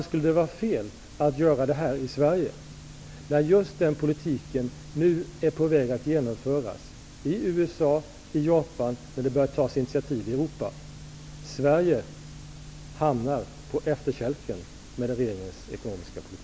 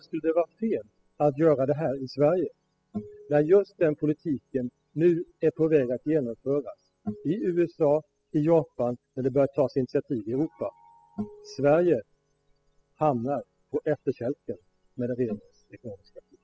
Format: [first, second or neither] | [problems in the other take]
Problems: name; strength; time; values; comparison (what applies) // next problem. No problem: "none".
first | noise reduction (classical method spectral subtraction)